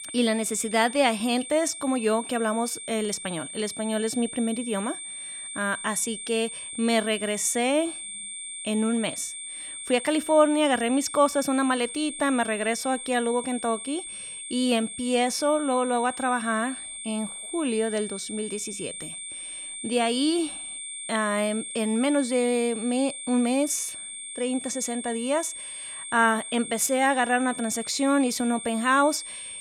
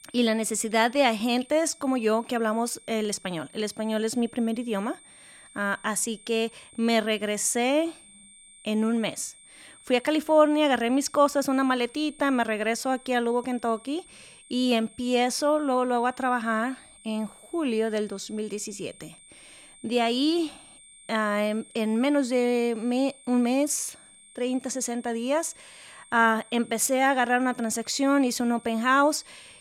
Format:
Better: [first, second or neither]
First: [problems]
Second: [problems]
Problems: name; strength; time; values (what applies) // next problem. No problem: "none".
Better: second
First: high-pitched whine; loud; throughout; 8.5 kHz, 9 dB below the speech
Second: high-pitched whine; faint; throughout; 8.5 kHz, 25 dB below the speech